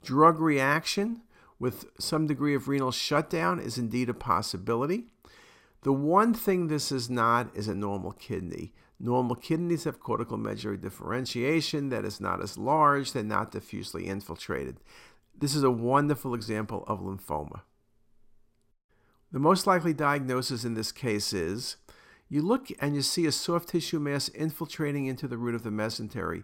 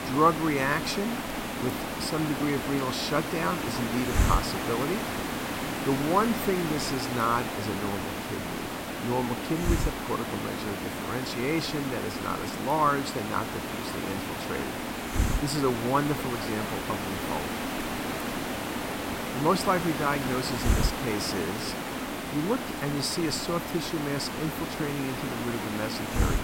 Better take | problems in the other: first | hiss; loud; throughout; 2 dB below the speech

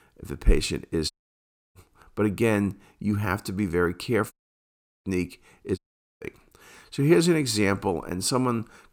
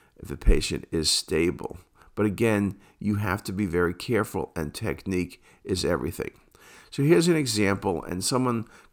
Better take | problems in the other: second | audio cutting out; at 1 s for 0.5 s, at 4.5 s for 0.5 s and at 6 s

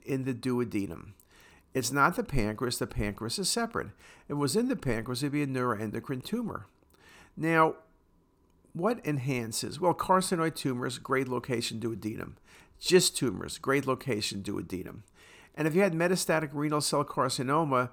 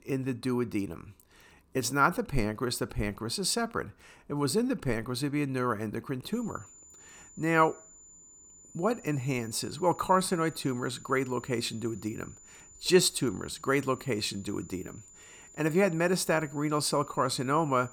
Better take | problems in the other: first | high-pitched whine; faint; from 6.5 s on; 7 kHz, 20 dB below the speech

